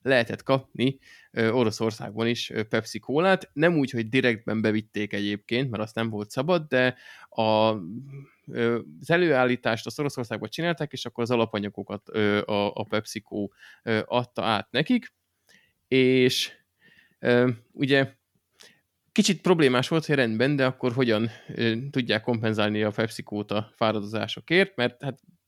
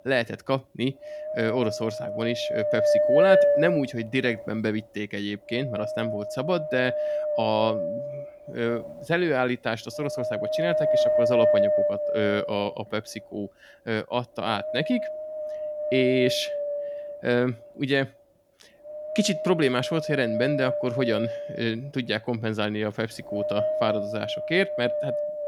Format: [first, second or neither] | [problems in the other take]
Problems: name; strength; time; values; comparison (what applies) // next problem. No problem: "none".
first | wind noise on the microphone; heavy; 2 dB above the speech